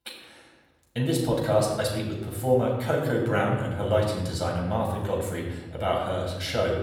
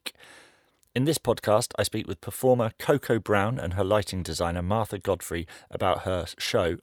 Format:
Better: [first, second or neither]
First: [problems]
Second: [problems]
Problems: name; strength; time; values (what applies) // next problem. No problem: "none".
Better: second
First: off-mic speech; far // room echo; noticeable; dies away in 1.6 s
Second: none